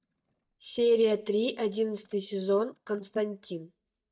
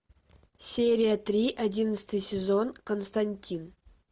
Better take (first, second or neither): second